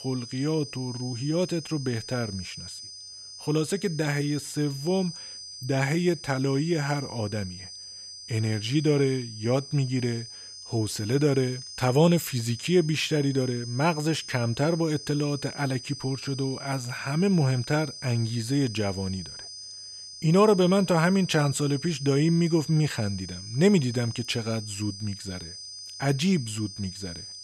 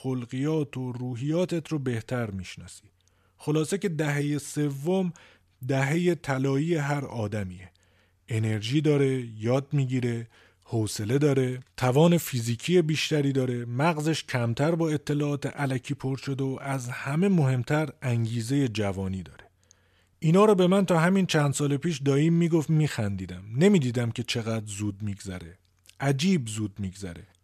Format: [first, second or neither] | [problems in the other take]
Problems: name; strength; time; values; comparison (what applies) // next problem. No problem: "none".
second | high-pitched whine; noticeable; throughout; 5 kHz, 10 dB below the speech